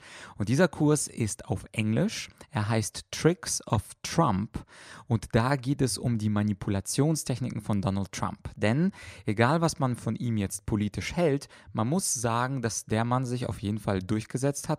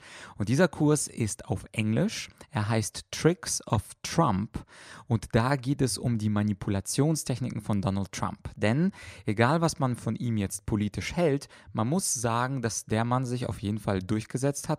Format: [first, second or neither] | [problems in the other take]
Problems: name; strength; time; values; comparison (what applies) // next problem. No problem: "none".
neither | none